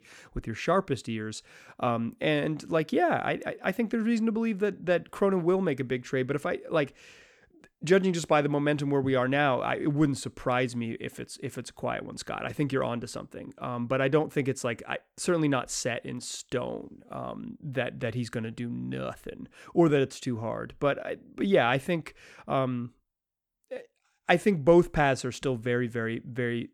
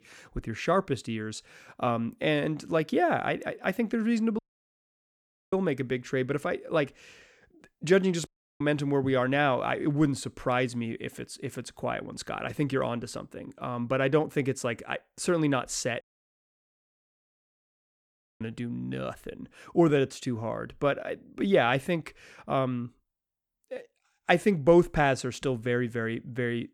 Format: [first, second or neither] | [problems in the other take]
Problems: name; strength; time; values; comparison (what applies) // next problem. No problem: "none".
first | audio cutting out; at 4.5 s for 1 s, at 8.5 s and at 16 s for 2.5 s